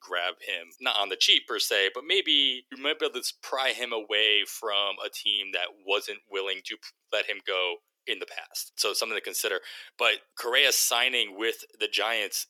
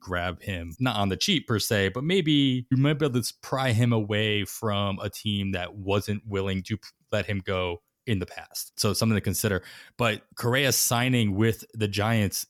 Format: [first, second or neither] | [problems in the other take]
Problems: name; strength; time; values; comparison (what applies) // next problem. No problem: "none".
second | thin; very; fading below 350 Hz